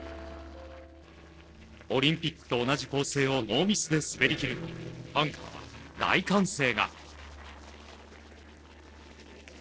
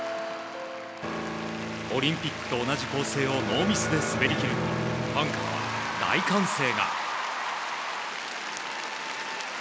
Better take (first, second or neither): second